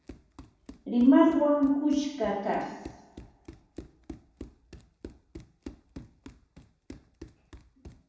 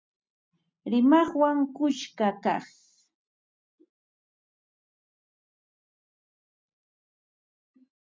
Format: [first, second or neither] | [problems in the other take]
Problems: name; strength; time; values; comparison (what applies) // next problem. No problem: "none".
second | background sound (Run); 19 dB below the speech // room echo; dies away in 0.9 s